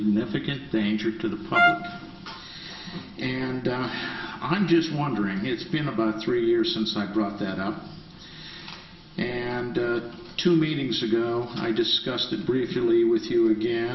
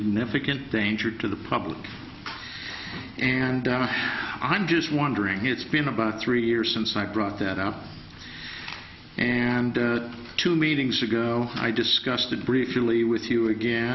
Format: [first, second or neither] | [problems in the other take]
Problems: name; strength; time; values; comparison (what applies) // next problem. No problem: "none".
second | background sound (Trumpet); as loud as the speech // room echo; dies away in 1.6 s